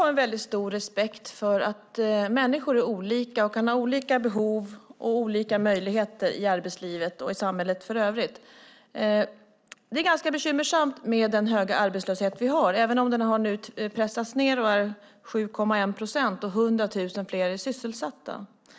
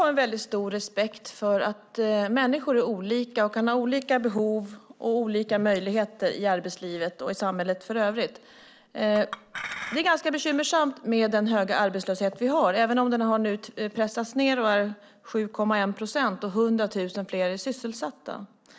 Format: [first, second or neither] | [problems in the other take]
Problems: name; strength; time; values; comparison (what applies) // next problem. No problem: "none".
first | background sound (Chink, clink); 14 dB below the speech